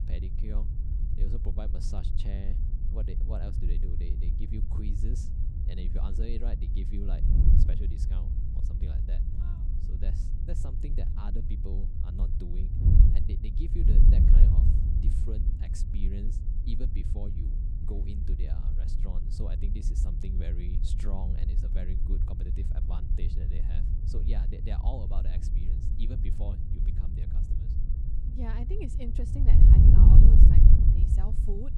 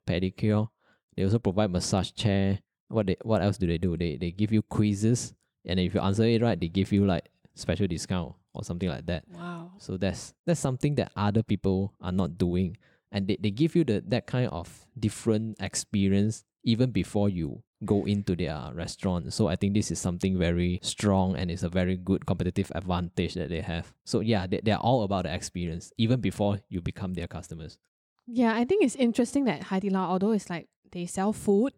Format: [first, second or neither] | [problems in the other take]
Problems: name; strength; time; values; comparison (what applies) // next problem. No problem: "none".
second | wind noise on the microphone; heavy; 3 dB above the speech